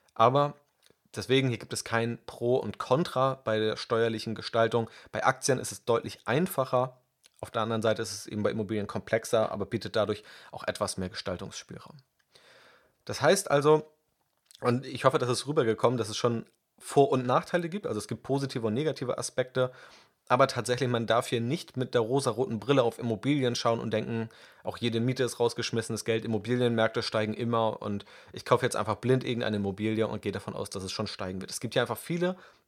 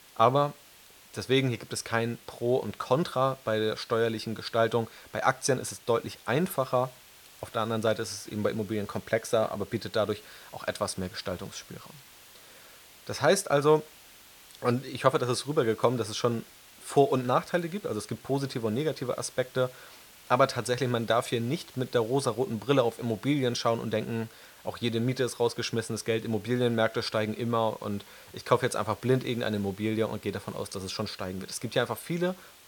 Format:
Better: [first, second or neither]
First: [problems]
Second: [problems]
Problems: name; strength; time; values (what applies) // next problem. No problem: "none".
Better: first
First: none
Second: hiss; faint; throughout; 20 dB below the speech